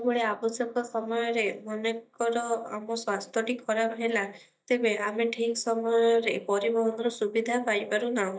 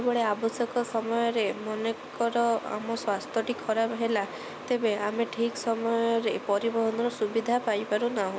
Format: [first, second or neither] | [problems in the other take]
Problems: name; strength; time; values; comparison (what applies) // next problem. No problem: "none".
second | noise reduction (neural mask model DeepFilterNet 3)